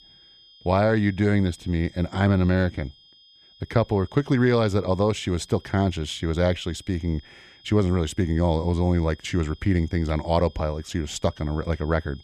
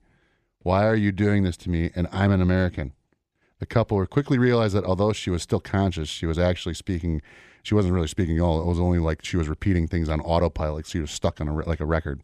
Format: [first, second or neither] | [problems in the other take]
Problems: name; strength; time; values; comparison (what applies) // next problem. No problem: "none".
second | high-pitched whine; faint; throughout; 3.5 kHz, 25 dB below the speech